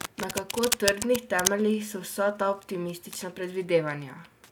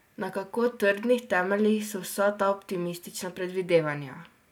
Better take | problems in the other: second | background sound (Domestic sounds, home sounds); 8 dB below the speech

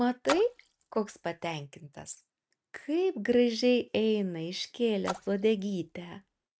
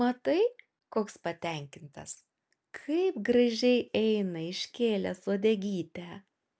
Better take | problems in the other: second | noise reduction (neural mask model RNNoise)

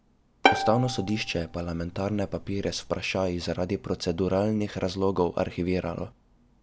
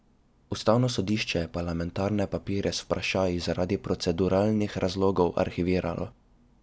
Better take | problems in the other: second | background sound (Bowed string instrument); 2 dB below the speech

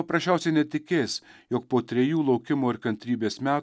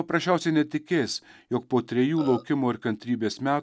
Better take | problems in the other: first | background sound (Burping, eructation); 14 dB below the speech

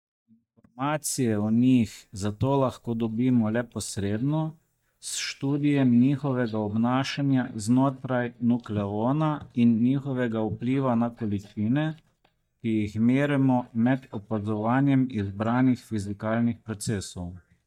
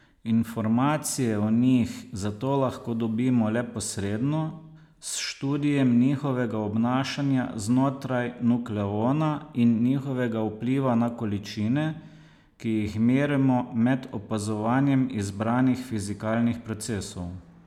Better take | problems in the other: second | noise reduction (neural mask model DeepFilterNet 3)

